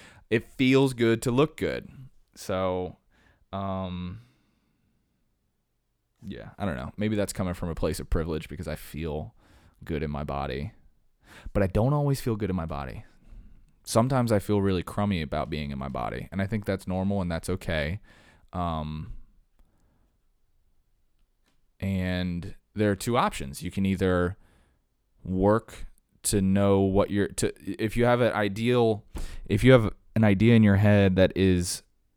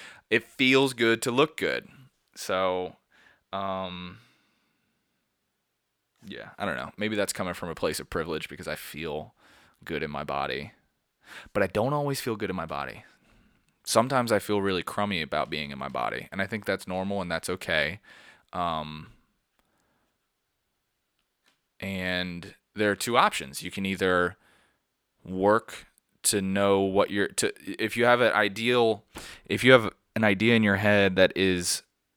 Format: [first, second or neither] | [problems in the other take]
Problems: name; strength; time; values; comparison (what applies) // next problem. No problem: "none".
first | thin; somewhat; fading below 900 Hz